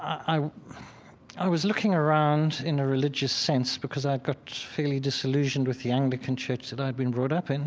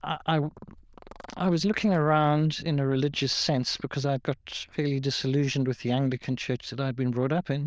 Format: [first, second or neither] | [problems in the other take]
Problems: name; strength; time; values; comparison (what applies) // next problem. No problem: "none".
first | noise reduction (neural diffusion model UNIVERSE++)